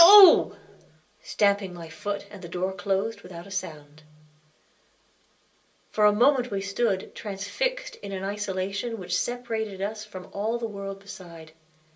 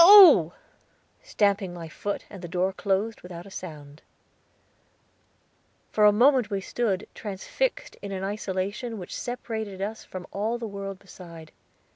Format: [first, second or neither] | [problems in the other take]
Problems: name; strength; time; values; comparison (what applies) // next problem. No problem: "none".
second | room echo; dies away in 0.2 s